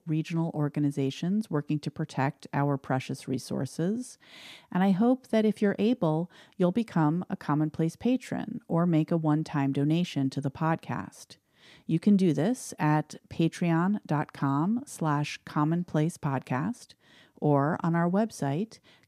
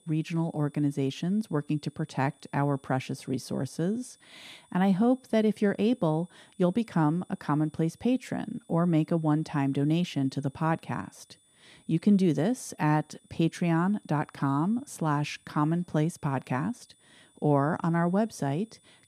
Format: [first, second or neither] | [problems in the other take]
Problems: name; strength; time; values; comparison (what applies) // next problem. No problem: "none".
first | high-pitched whine; faint; throughout; 9.5 kHz, 35 dB below the speech